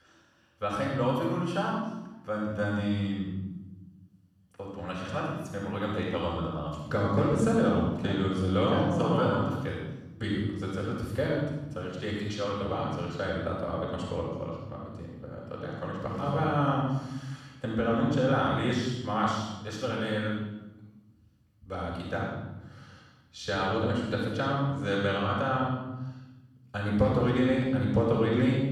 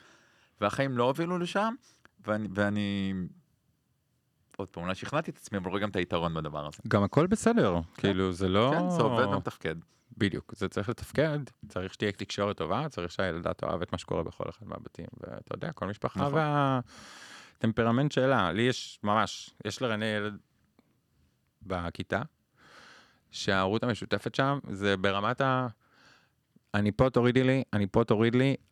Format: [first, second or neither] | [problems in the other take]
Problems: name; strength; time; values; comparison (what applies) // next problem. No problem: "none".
second | off-mic speech; far // room echo; strong; dies away in 1.1 s